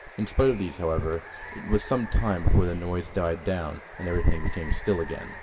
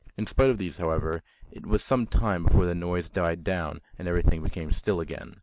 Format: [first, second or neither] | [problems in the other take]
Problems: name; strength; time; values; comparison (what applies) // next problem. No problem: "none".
second | background sound (Water); 17 dB below the speech // room echo; dies away in 0.9 s